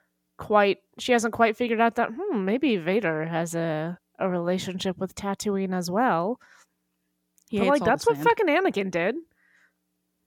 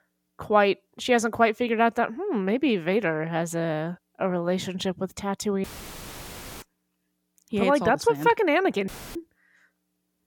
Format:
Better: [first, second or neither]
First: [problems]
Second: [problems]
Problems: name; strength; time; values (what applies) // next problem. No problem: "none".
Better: first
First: none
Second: audio cutting out; filled with static; at 5.5 s for 1 s and at 9 s